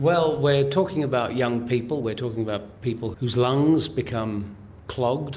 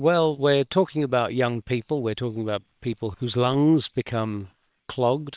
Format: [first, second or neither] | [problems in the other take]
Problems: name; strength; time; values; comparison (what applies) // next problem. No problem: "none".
first | noise reduction (neural separator model SepFormer WHAM!)